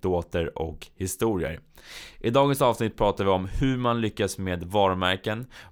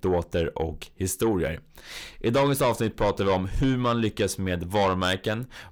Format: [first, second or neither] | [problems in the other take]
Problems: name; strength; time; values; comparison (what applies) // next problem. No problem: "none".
first | distortion; slight; 10 dB below the speech